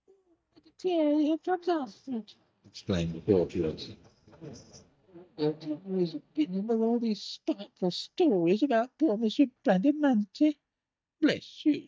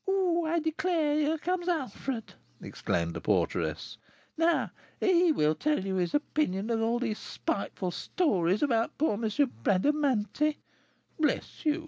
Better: second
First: noise reduction (neural mask model DeepFilterNet 3)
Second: none

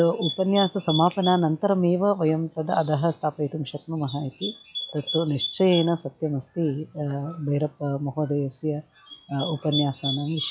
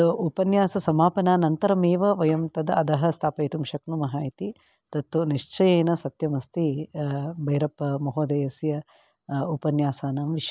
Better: second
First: noise reduction (classical method log-MMSE)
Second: none

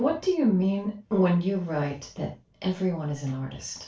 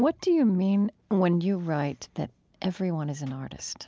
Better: second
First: room echo; dies away in 0.2 s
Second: none

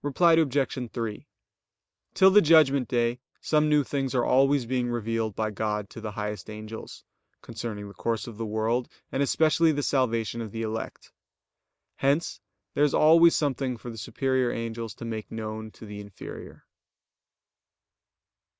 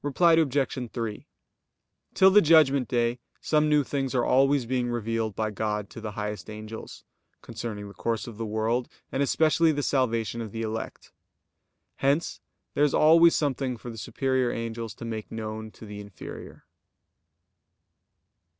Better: second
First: noise reduction (neural mask model Resemble Enhance denoiser)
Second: none

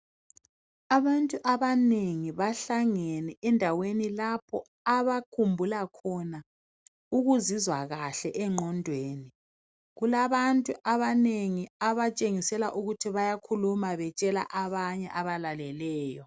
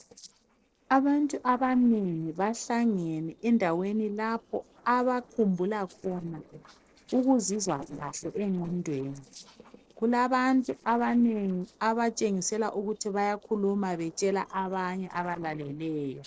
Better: first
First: none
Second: noise reduction (neural separator model SepFormer DNS4)

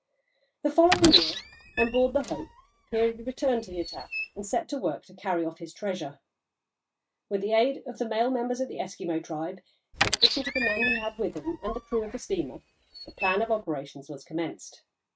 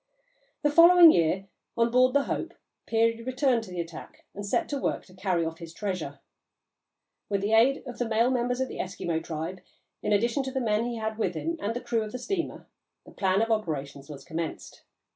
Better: second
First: noise reduction (neural mask model RNNoise)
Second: none

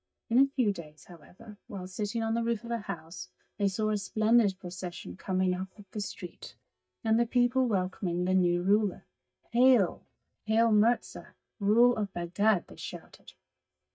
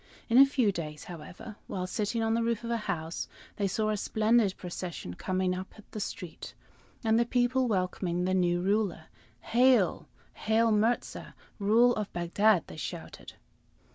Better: second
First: noise reduction (neural mask model DeepFilterNet 3)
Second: none

